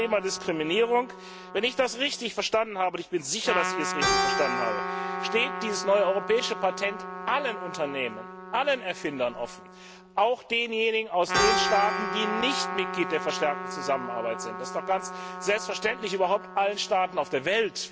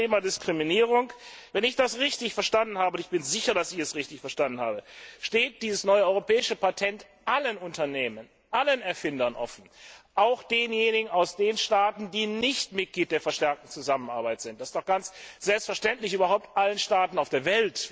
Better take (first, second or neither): second